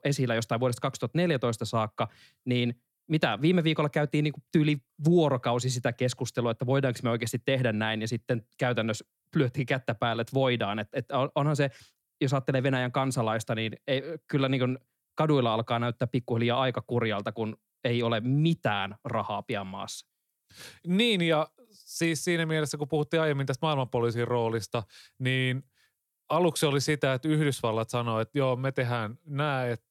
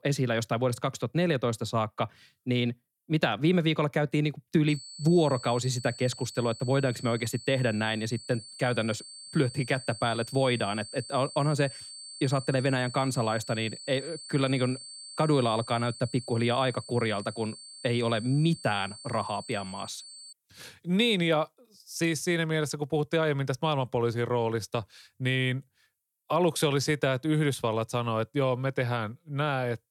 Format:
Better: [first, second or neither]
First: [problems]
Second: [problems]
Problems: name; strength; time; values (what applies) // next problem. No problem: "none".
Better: first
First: none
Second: high-pitched whine; noticeable; from 4.5 to 20 s; 4.5 kHz, 15 dB below the speech